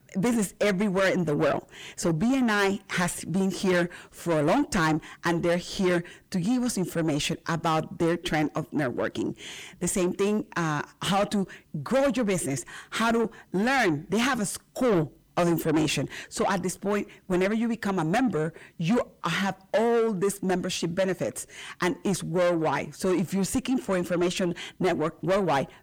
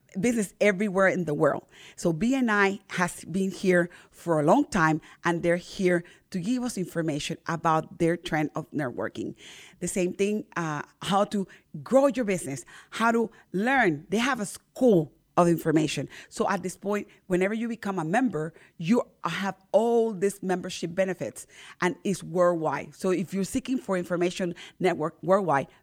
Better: second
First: distortion; heavy; 8 dB below the speech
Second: none

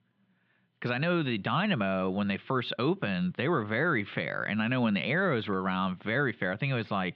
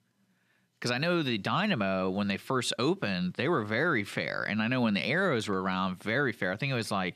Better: second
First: muffled; slightly; fading above 3.5 kHz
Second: none

